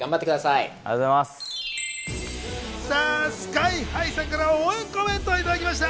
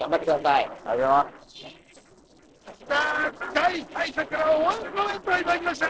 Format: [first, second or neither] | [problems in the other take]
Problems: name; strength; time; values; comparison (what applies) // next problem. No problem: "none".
first | noise reduction (neural separator model SepFormer DNS4)